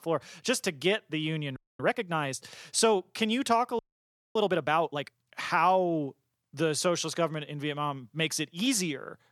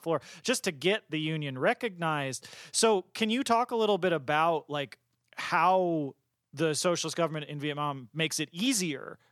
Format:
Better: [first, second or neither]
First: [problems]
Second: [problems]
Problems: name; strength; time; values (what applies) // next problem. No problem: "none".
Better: second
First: audio freezing; at 1.5 s and at 4 s for 0.5 s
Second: none